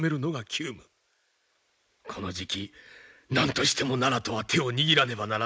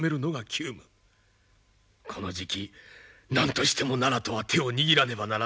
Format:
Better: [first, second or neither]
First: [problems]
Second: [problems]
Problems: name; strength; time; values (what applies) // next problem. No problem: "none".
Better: second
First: noise reduction (neural mask model Resemble Enhance denoiser)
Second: none